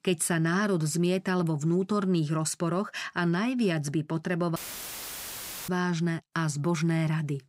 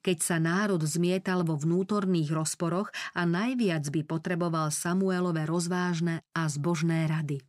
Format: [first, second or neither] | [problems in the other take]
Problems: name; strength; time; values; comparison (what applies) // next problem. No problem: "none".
second | audio cutting out; filled with static; at 4.5 s for 1 s